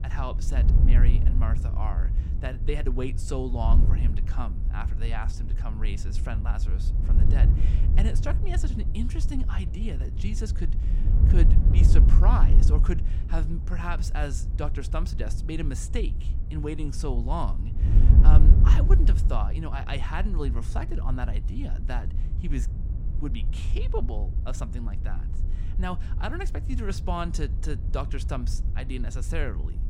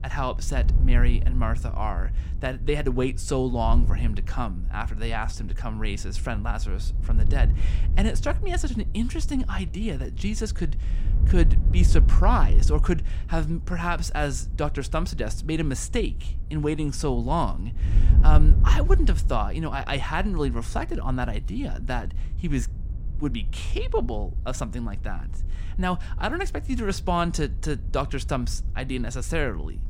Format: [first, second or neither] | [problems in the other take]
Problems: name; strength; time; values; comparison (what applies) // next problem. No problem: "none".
second | wind noise on the microphone; heavy; 6 dB below the speech; occasional gusts in the second